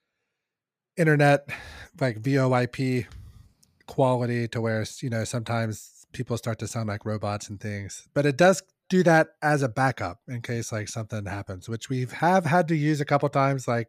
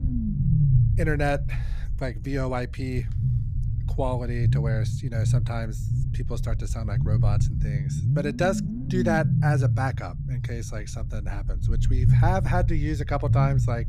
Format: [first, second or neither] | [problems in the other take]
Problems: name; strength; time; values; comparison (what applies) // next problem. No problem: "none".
first | low rumble; loud; throughout; 7 dB below the speech